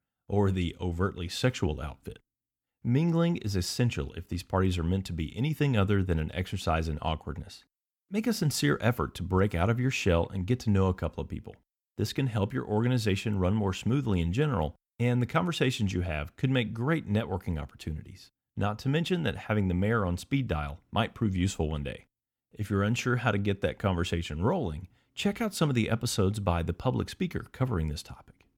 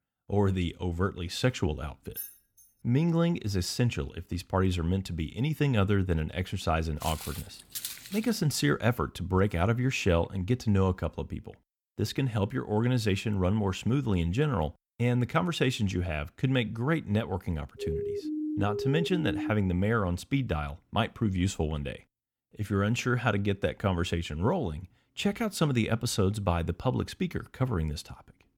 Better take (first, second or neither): first